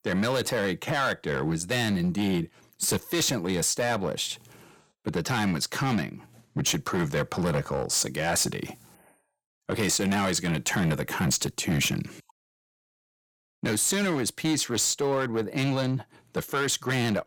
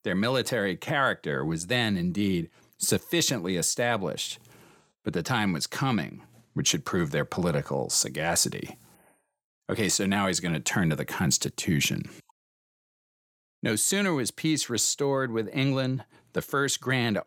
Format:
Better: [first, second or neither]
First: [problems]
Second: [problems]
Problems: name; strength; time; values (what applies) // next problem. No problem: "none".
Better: second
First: distortion; slight; 9% of the sound clipped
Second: none